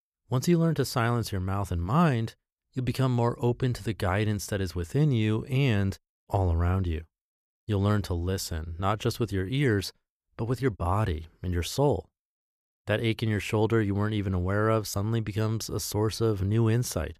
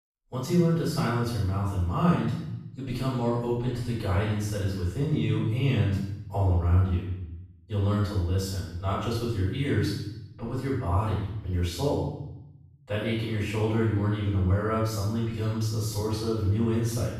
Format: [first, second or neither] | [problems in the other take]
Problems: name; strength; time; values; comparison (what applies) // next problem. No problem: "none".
first | off-mic speech; far // room echo; strong; dies away in 0.8 s